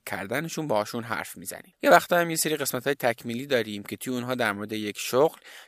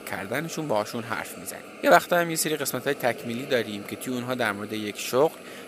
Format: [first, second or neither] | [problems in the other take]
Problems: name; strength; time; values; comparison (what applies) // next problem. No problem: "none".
first | hiss; noticeable; throughout; 15 dB below the speech